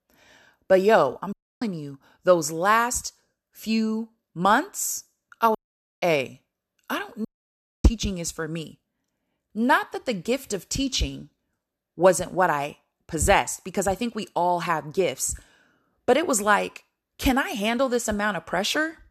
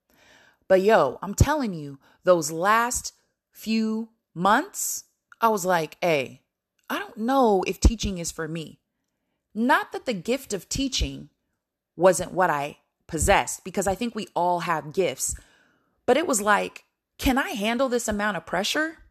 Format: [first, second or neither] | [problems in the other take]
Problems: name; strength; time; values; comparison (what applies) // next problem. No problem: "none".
second | audio cutting out; at 1.5 s, at 5.5 s and at 7.5 s for 0.5 s